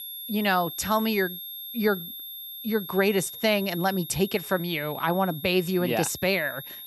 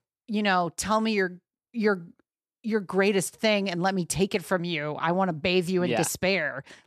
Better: second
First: high-pitched whine; noticeable; throughout; 11.5 kHz, 10 dB below the speech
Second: none

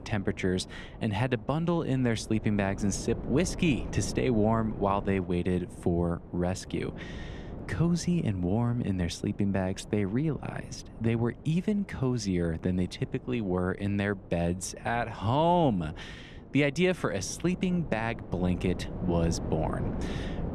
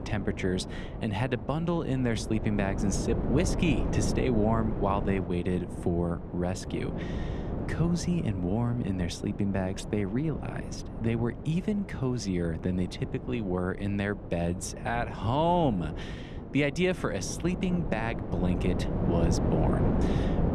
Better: first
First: wind noise on the microphone; occasional gusts; 15 dB below the speech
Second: wind noise on the microphone; heavy; 7 dB below the speech

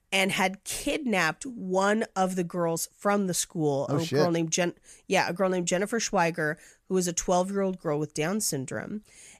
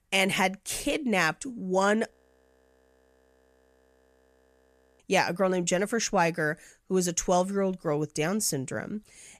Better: first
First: none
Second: audio freezing; at 2 s for 3 s

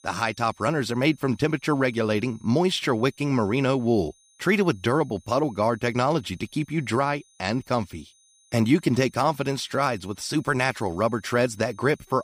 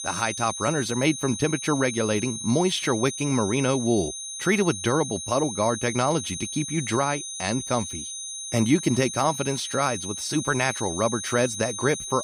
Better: first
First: high-pitched whine; faint; throughout; 6.5 kHz, 30 dB below the speech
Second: high-pitched whine; loud; throughout; 6.5 kHz, 6 dB below the speech

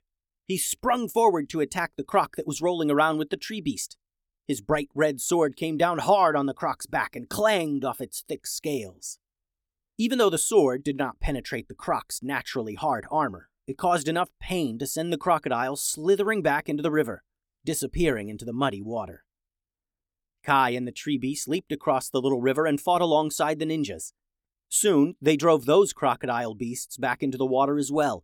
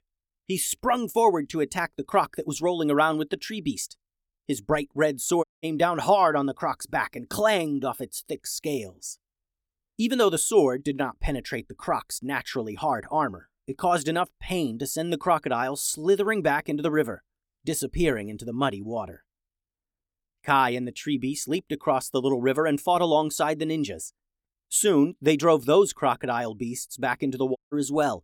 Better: first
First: none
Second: audio cutting out; at 5.5 s and at 28 s

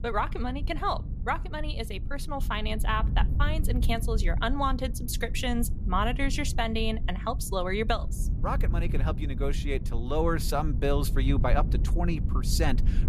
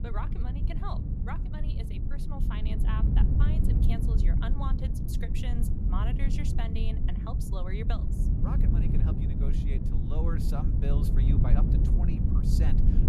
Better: first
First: wind noise on the microphone; occasional gusts; 15 dB below the speech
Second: wind noise on the microphone; heavy; 1 dB above the speech

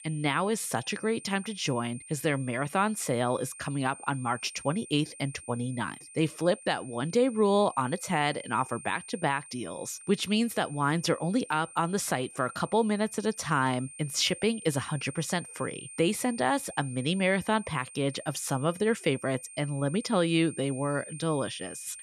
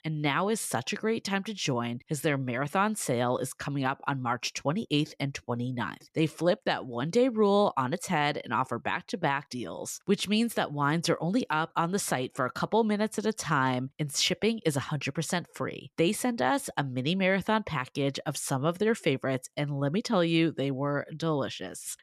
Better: second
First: high-pitched whine; noticeable; throughout; 9 kHz, 15 dB below the speech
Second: none

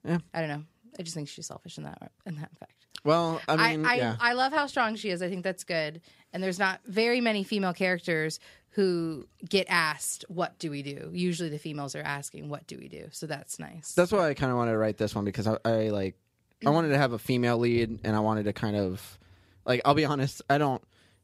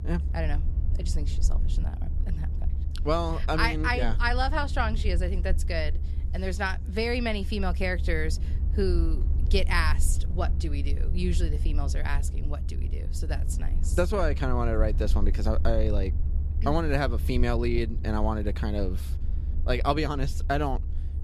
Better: first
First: none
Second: low rumble; noticeable; throughout; 15 dB below the speech

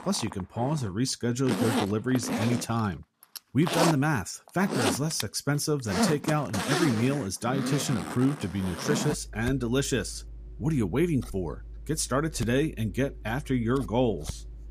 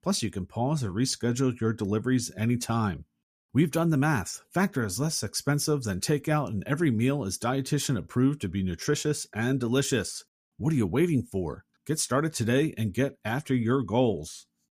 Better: second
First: household noises; loud; throughout; 4 dB below the speech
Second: none

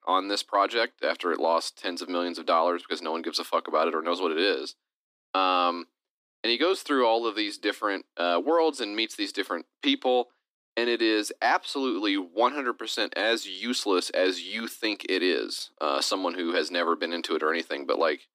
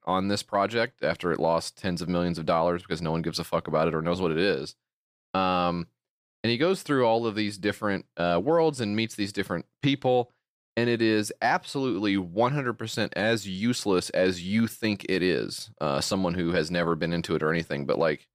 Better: second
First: thin; very slightly; fading below 250 Hz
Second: none

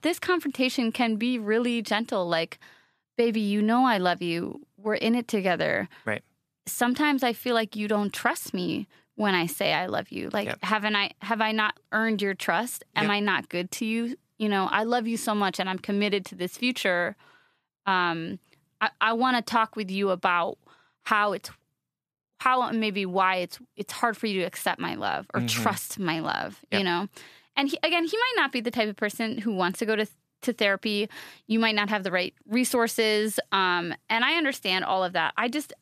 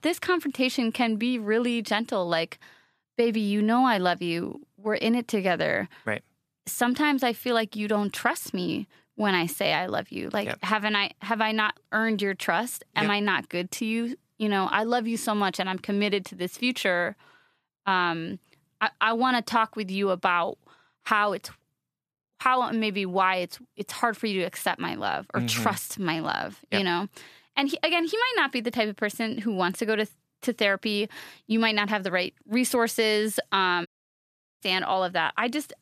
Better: first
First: none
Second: audio cutting out; at 34 s for 0.5 s

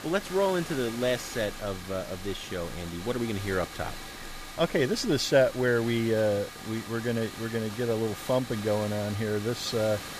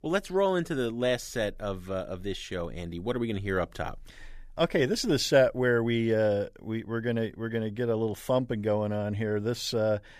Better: second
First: hiss; noticeable; throughout; 10 dB below the speech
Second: none

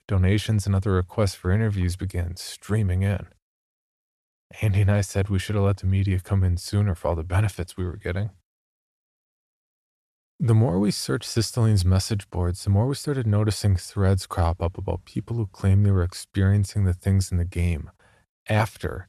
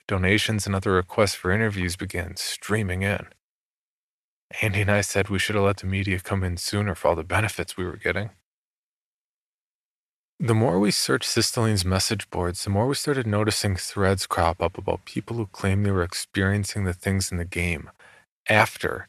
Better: first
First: none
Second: thin; somewhat; fading below 350 Hz

